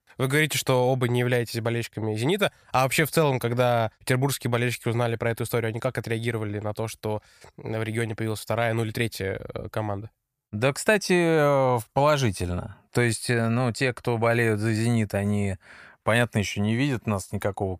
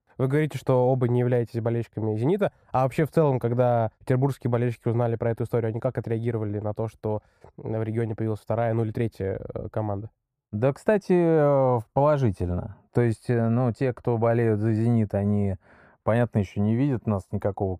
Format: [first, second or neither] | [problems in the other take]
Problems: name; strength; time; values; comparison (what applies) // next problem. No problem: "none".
first | muffled; very; fading above 1.5 kHz